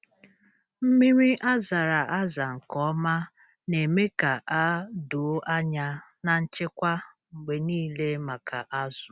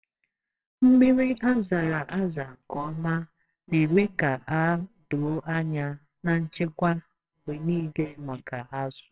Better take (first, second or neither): first